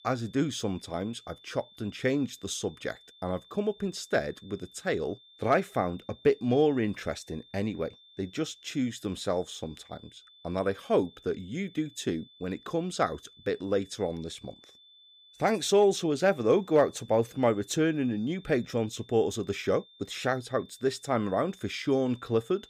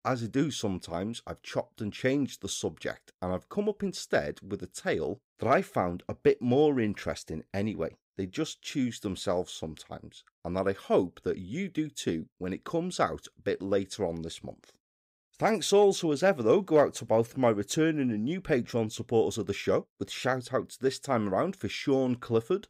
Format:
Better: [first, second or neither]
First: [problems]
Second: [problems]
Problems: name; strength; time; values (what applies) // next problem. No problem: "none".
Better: second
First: high-pitched whine; faint; throughout; 3.5 kHz, 25 dB below the speech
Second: none